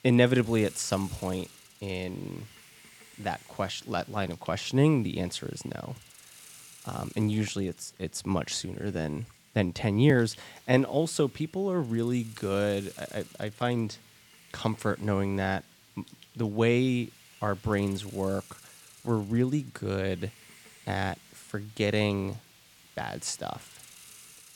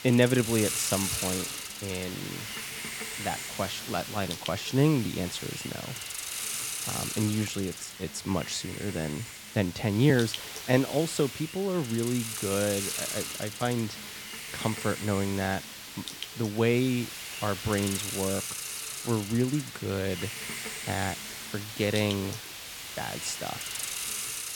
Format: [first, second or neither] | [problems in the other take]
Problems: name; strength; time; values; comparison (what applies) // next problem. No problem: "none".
first | hiss; loud; throughout; 5 dB below the speech; faint in the first